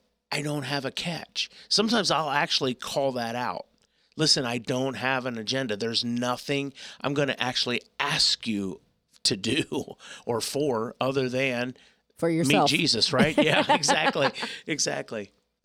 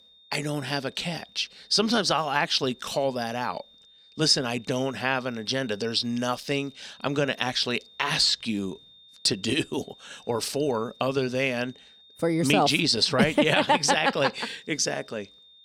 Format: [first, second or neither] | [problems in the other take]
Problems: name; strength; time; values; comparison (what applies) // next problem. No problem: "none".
first | high-pitched whine; faint; throughout; 3.5 kHz, 25 dB below the speech